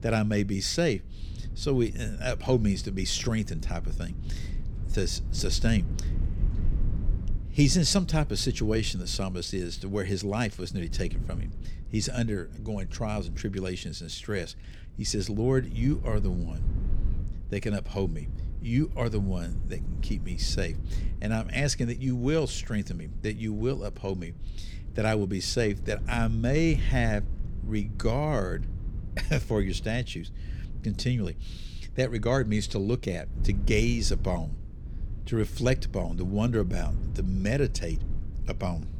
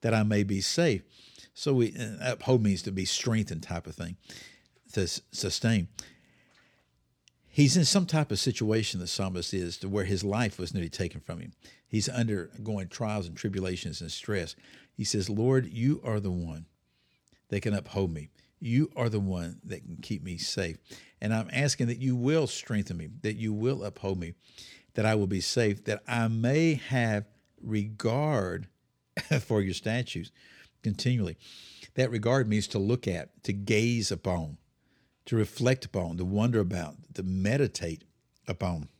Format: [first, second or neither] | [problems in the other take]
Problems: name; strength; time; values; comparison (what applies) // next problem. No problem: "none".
second | low rumble; noticeable; throughout; 20 dB below the speech